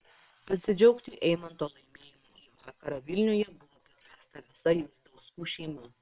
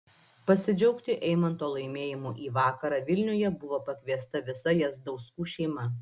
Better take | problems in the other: second | noise reduction (neural separator model SepFormer WHAM!)

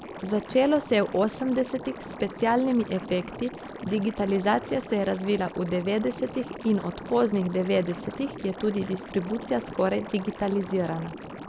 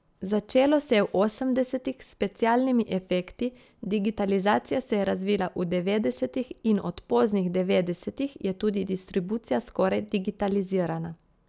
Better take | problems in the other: second | background sound (Liquid); 12 dB below the speech

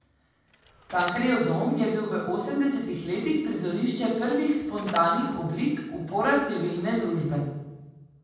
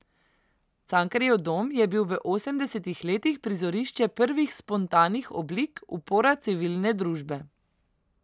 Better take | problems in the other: second | background sound (Bicycle); 20 dB below the speech // room echo; dies away in 1.2 s

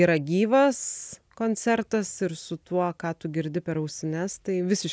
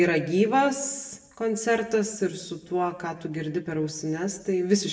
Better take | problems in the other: first | room echo; dies away in 0.7 s

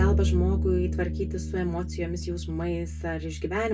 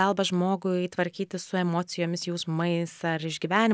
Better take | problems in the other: second | background sound (Bowed string instrument); 2 dB above the speech // room echo; dies away in 0.2 s

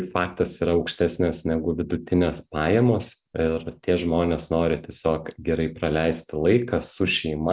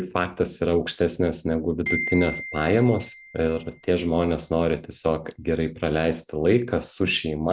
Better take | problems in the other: first | background sound (Glockenspiel); 12 dB below the speech

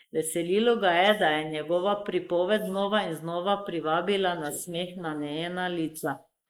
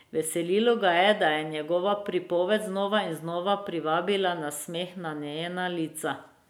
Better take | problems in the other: second | noise reduction (neural mask model Resemble Enhance denoiser)

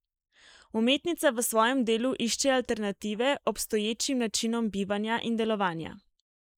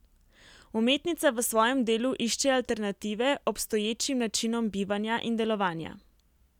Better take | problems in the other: second | noise reduction (neural mask model Resemble Enhance denoiser)

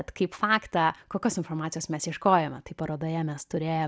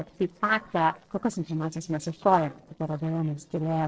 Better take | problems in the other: first | noise reduction (neural separator model SepFormer DNS4)

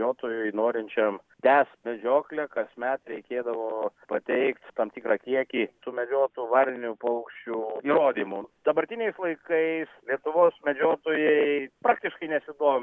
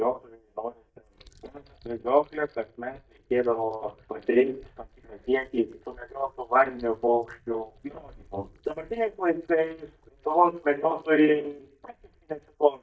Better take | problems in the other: first | noise reduction (neural mask model DeepFilterNet 3)

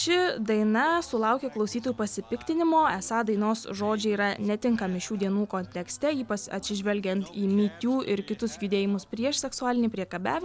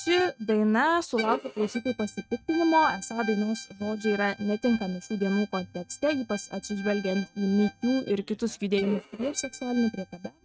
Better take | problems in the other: first | noise reduction (neural mask model RNNoise)

